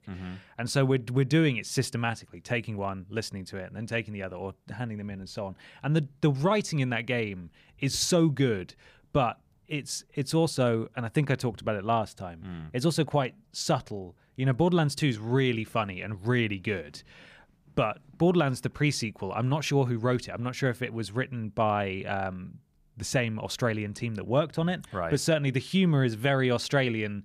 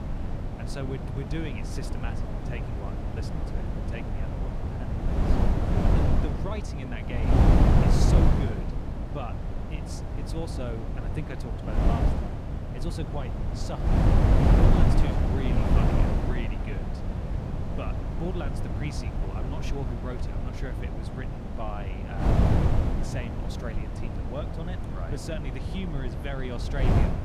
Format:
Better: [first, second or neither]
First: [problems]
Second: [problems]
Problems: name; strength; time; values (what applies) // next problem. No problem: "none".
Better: first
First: none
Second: wind noise on the microphone; heavy; 5 dB above the speech